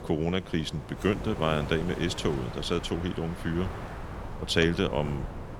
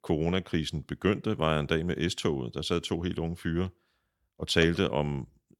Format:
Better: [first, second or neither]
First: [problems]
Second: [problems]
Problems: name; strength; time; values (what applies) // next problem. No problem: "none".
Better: second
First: wind noise on the microphone; occasional gusts; 10 dB below the speech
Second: none